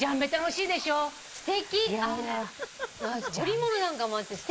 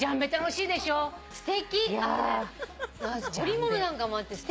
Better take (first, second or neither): second